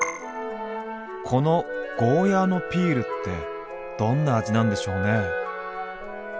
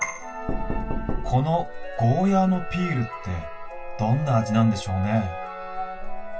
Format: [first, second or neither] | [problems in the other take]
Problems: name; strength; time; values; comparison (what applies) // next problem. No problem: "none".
first | background sound (Knock); 6 dB below the speech // room echo; dies away in 0.1 s